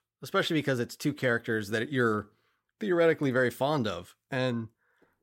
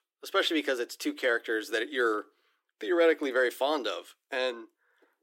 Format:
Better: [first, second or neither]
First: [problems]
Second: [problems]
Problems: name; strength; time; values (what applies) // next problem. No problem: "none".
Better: first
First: none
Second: thin; somewhat; fading below 300 Hz